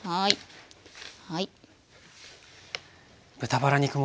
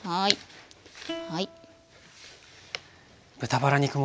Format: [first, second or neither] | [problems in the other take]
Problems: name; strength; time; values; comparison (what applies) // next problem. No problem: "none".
first | background sound (Plucked string instrument); 15 dB below the speech